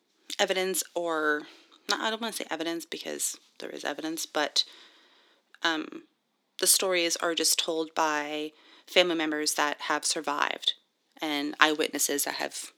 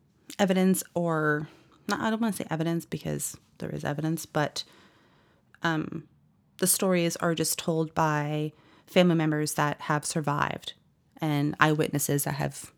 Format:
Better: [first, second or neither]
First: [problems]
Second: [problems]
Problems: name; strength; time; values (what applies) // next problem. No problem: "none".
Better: second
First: thin; somewhat; fading below 300 Hz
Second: none